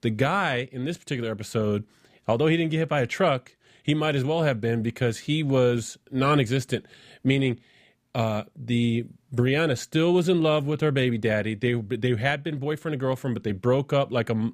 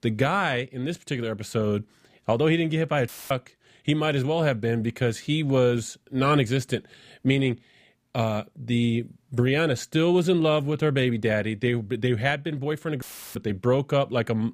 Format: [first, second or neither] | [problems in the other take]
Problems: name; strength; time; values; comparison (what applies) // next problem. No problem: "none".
first | audio cutting out; filled with static; at 3 s and at 13 s